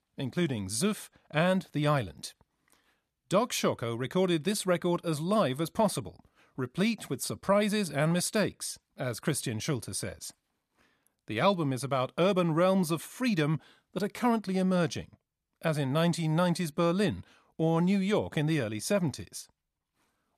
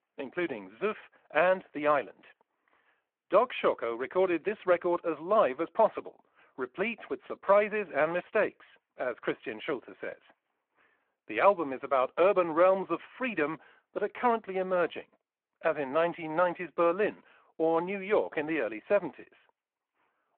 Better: first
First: none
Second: phone-call audio

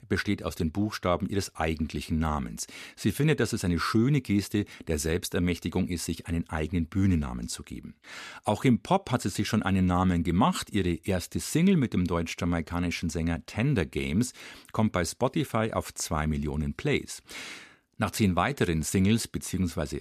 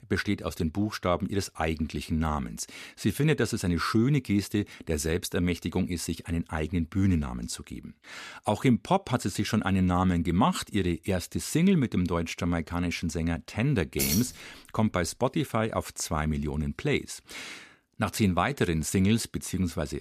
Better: first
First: none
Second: jangling keys; noticeable; at 14 s; peak level with the speech

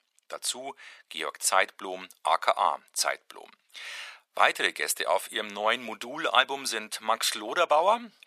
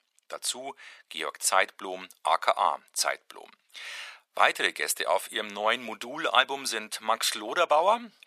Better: neither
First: thin; very; fading below 550 Hz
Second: thin; very; fading below 550 Hz

